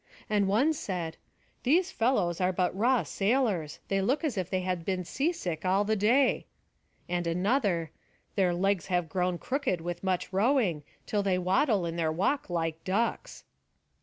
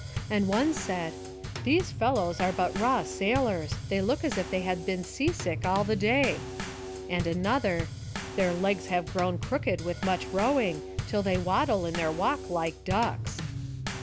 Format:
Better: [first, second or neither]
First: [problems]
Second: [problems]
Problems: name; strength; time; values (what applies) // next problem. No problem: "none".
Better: first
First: none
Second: background sound (Bass drum / Snare drum / Drum kit); 7 dB below the speech